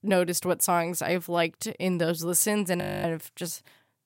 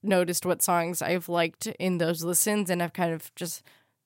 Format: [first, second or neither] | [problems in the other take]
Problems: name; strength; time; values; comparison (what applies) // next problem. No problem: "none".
second | audio freezing; at 3 s